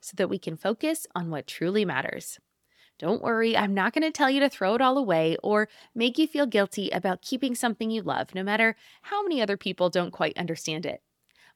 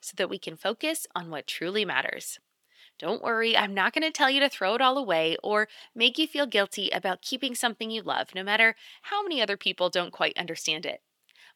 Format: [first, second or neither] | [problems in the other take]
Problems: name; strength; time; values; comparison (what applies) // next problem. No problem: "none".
first | thin; very slightly; fading below 1 kHz